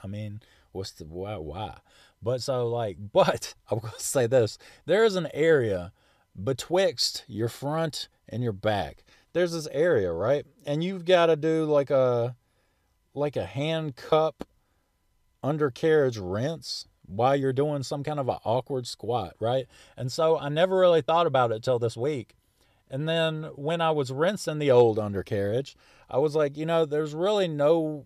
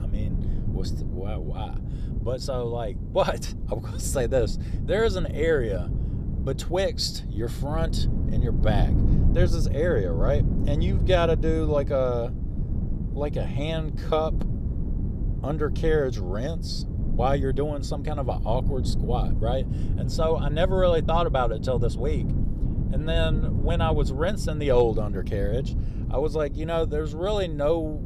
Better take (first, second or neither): first